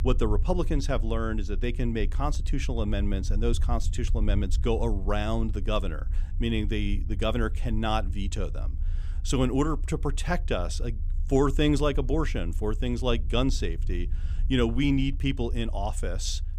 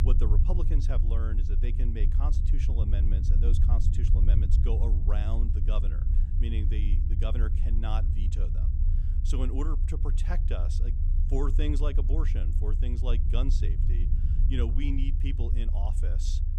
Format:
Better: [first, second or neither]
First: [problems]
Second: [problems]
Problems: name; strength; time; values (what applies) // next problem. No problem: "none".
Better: first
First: low rumble; faint; throughout; 20 dB below the speech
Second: low rumble; loud; throughout; 5 dB below the speech